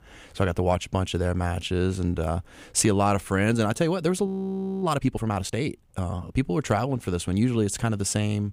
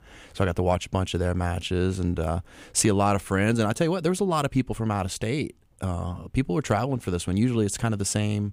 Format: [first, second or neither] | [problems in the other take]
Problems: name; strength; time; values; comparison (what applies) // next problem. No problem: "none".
second | audio freezing; at 4.5 s for 0.5 s